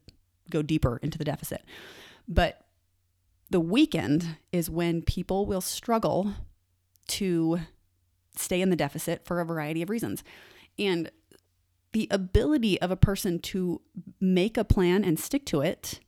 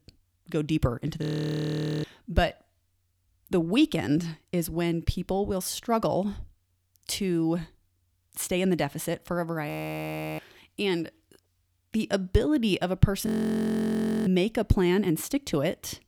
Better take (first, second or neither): first